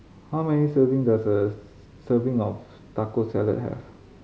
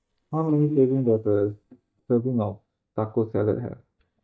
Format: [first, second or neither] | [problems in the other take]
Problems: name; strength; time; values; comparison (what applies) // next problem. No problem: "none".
first | noise reduction (neural mask model DeepFilterNet 3)